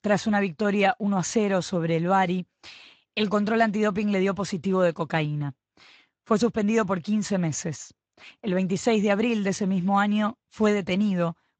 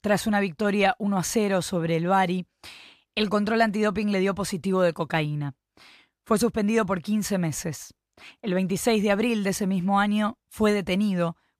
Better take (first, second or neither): second